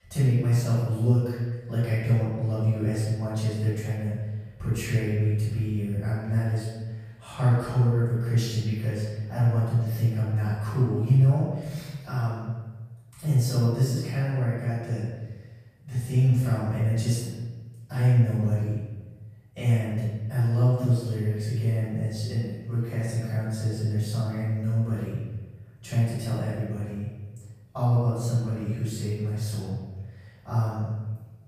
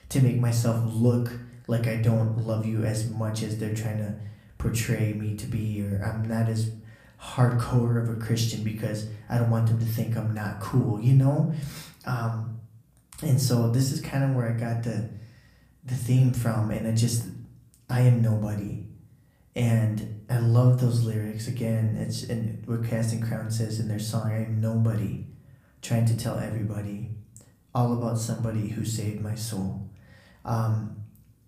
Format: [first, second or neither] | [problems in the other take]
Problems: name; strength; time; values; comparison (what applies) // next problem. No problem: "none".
second | room echo; strong; dies away in 1.2 s; slight in the second // off-mic speech; far; somewhat distant in the second